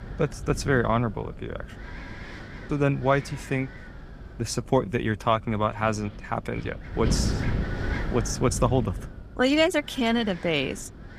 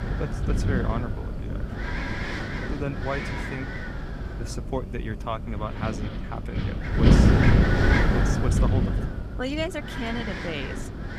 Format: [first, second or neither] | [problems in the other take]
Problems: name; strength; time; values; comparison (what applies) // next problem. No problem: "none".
first | wind noise on the microphone; heavy; 4 dB above the speech; occasional gusts in the first